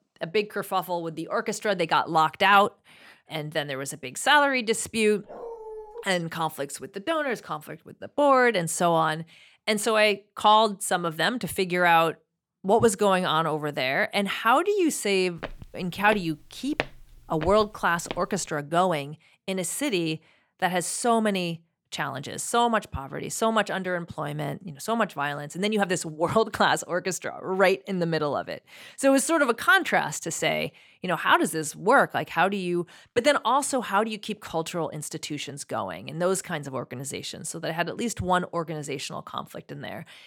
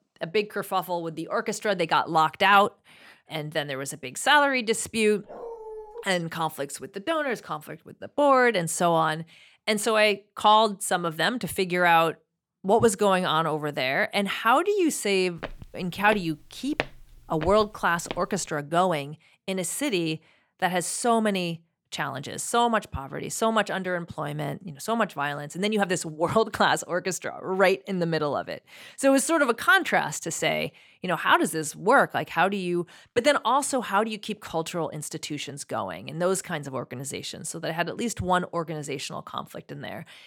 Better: neither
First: dog barking; faint; at 5.5 s; peak 15 dB below the speech // footsteps; noticeable; from 15 to 18 s; peak 7 dB below the speech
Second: dog barking; faint; at 5.5 s; peak 15 dB below the speech // footsteps; noticeable; from 15 to 18 s; peak 7 dB below the speech

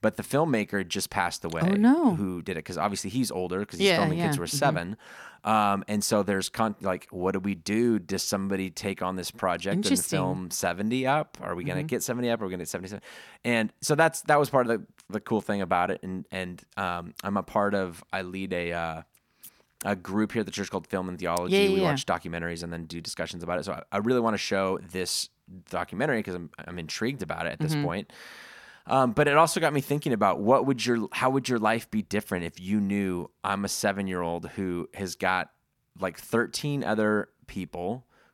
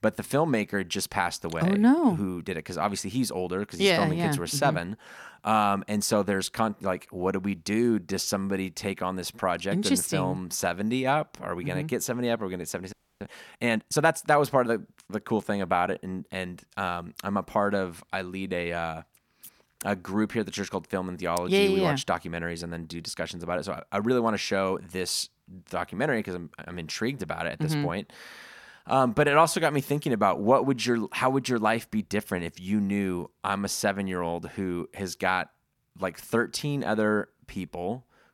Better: first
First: none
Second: audio freezing; at 13 s

